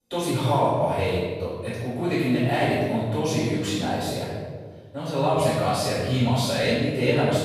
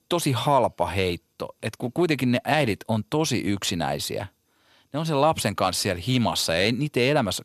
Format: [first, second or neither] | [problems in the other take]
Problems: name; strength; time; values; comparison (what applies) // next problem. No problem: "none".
second | off-mic speech; far // room echo; strong; dies away in 1.6 s